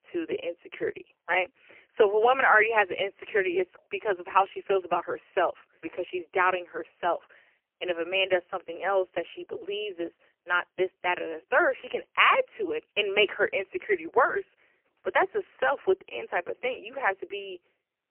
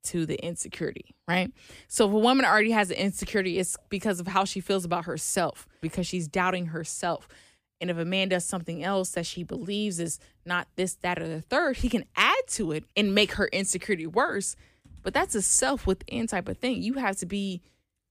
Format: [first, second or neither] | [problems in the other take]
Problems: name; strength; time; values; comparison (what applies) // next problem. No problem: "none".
second | phone-call audio; poor line; nothing above 3 kHz